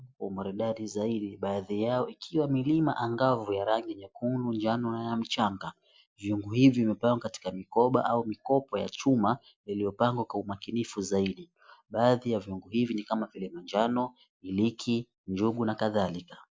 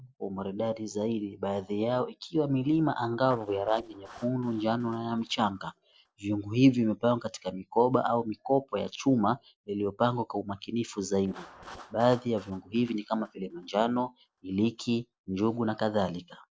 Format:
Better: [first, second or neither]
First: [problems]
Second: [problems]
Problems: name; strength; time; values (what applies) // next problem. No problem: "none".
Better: first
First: none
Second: noise reduction (neural separator model SepFormer DNS4)